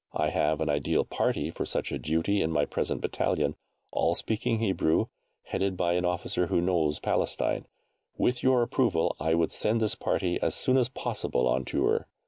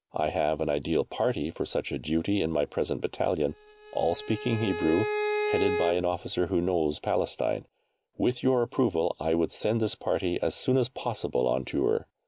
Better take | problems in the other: first | background sound (Bowed string instrument); 4 dB below the speech

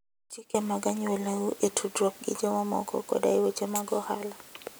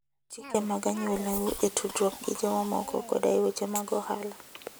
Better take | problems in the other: first | background sound (Cough); 15 dB below the speech

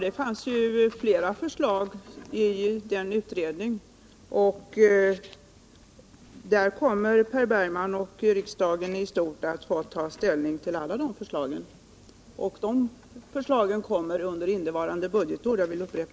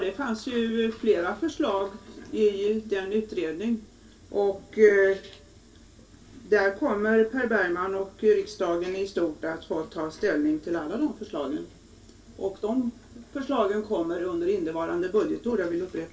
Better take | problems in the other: first | room echo; dies away in 0.2 s

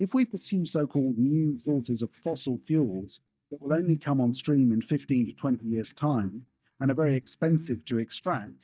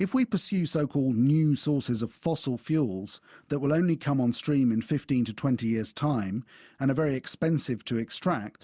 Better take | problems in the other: second | noise reduction (neural mask model DeepFilterNet 3)

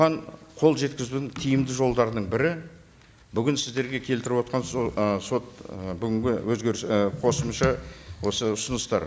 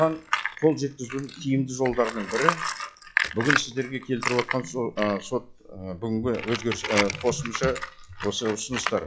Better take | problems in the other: first | noise reduction (classical method log-MMSE)

